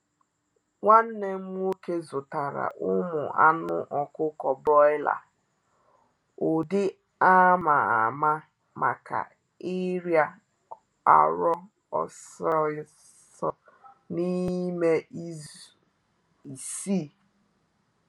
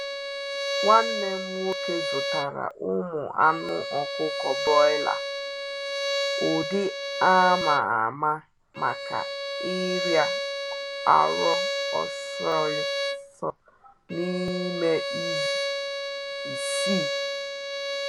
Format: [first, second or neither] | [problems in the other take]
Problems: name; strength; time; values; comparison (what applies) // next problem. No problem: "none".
first | background sound (Bowed string instrument); 3 dB below the speech